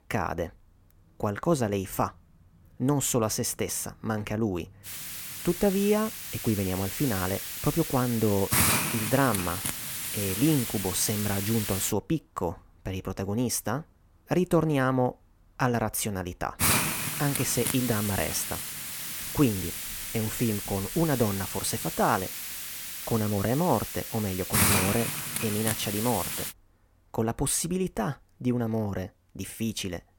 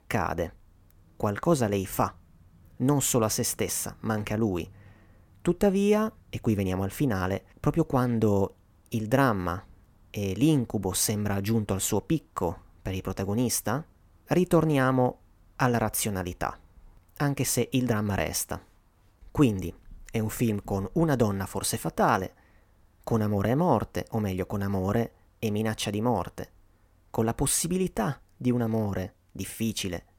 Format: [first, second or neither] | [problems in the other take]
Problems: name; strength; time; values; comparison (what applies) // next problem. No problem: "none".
second | hiss; loud; from 5 to 12 s and from 17 to 27 s; 1 dB below the speech